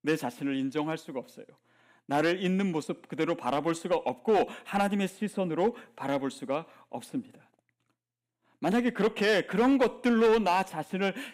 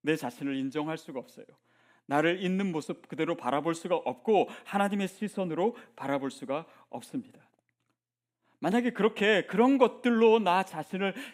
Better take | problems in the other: second | distortion; slight; 3% of the sound clipped

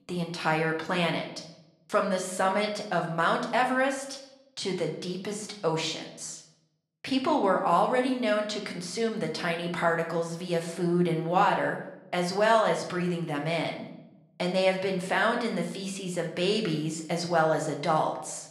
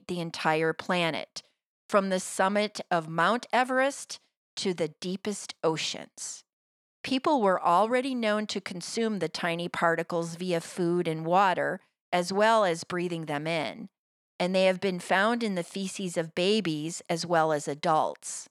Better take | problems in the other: second | room echo; slight; dies away in 0.6 s // off-mic speech; somewhat distant

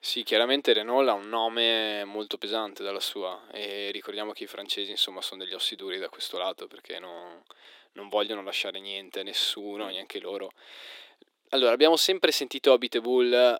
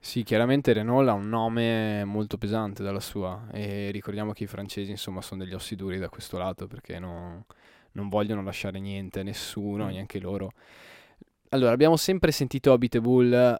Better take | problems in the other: second | thin; somewhat; fading below 300 Hz

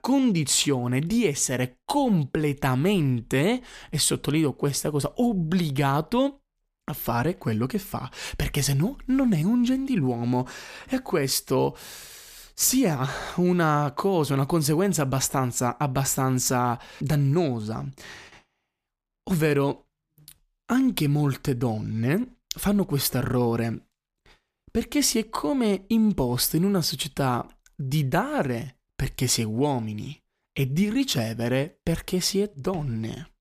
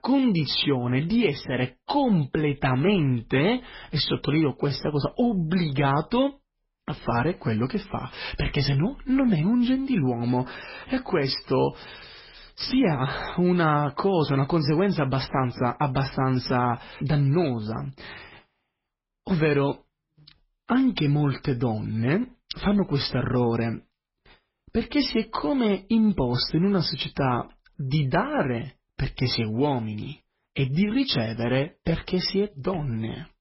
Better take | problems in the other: first | garbled, watery; badly; nothing above 5.5 kHz

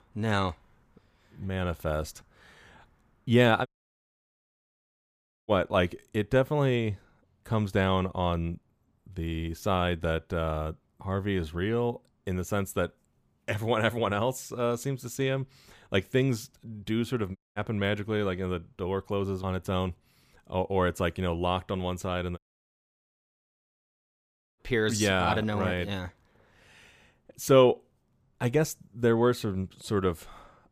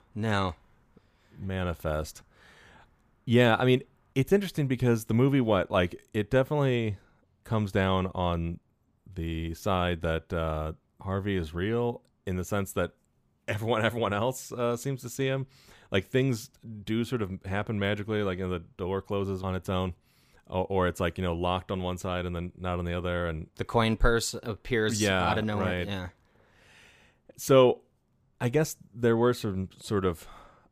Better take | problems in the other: second | audio cutting out; at 3.5 s for 2 s, at 17 s and at 22 s for 2 s

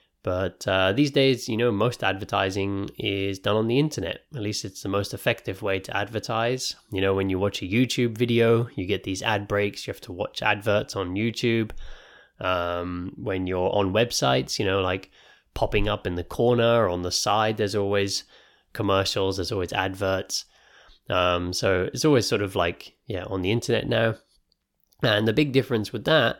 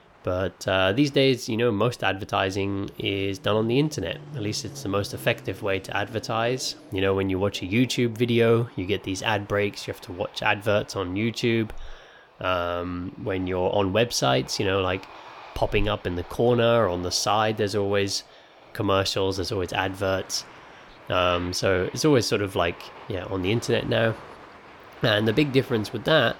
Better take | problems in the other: first | train or aircraft noise; faint; throughout; 20 dB below the speech

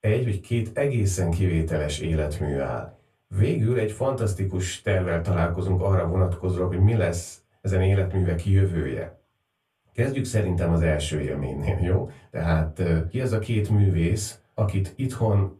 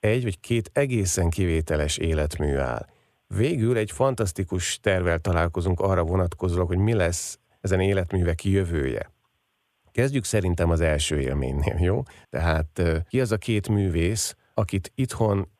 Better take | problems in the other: second | off-mic speech; far // room echo; very slight; dies away in 0.2 s

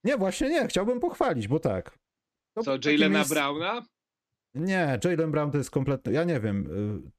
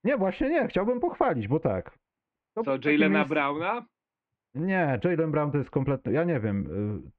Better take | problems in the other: first | muffled; very; fading above 2.5 kHz

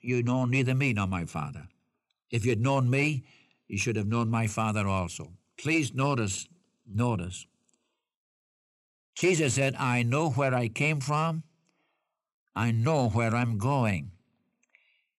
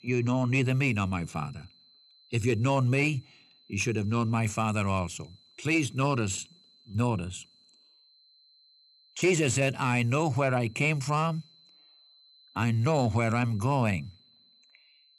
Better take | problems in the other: first | high-pitched whine; faint; throughout; 4 kHz, 30 dB below the speech

